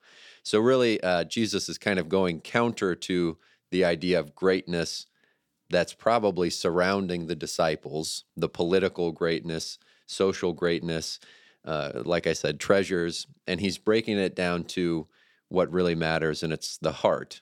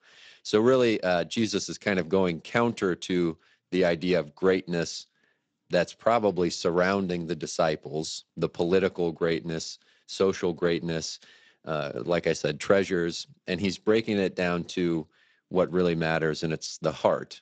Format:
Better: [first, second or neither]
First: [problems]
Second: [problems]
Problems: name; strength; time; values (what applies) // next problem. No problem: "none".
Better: first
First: none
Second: garbled, watery; slightly; nothing above 7.5 kHz